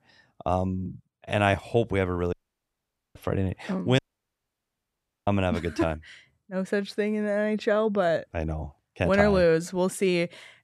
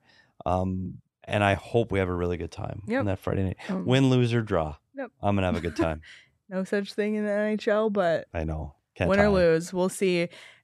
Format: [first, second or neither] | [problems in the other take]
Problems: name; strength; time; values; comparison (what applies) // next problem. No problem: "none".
second | audio cutting out; at 2.5 s for 1 s and at 4 s for 1.5 s